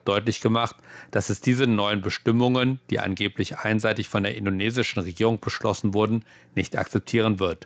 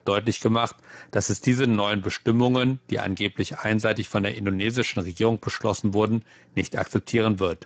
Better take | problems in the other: first | garbled, watery; badly; nothing above 7.5 kHz; slightly in the first

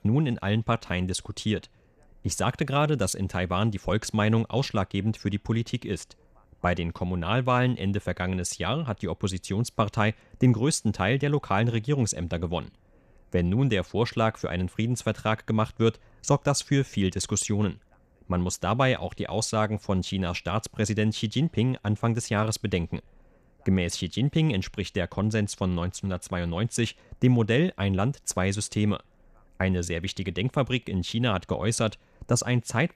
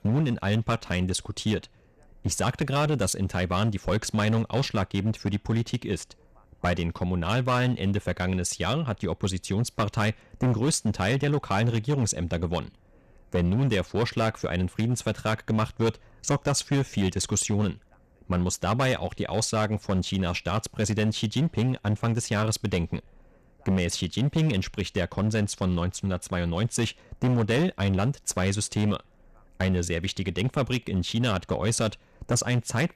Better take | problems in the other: first | distortion; slight; 8% of the sound clipped

